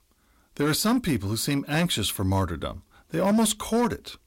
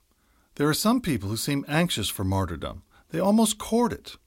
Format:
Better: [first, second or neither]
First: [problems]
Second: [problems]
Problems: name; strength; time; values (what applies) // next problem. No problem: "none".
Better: second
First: distortion; slight; 7% of the sound clipped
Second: none